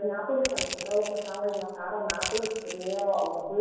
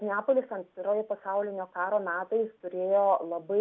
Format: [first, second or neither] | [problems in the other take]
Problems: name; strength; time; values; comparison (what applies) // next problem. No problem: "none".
second | background sound (Crushing); 8 dB below the speech // room echo; dies away in 1.2 s